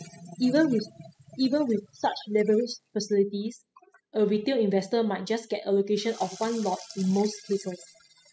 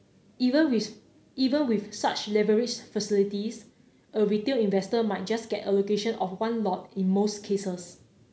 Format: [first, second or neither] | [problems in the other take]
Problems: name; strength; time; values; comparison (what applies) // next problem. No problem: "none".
second | noise reduction (classical method spectral subtraction)